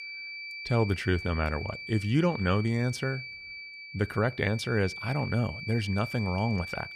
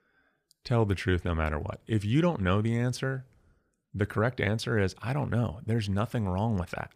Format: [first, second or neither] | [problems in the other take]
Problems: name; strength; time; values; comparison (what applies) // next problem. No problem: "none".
second | high-pitched whine; loud; throughout; 2.5 kHz, 10 dB below the speech